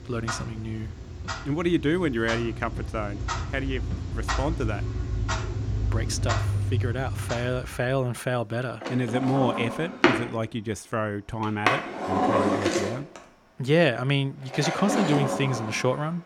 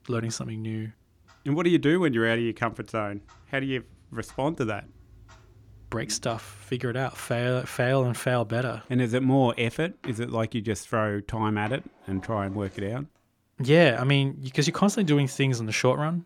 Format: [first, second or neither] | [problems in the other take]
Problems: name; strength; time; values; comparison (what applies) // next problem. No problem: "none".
second | household noises; loud; throughout; 1 dB below the speech; faint in the second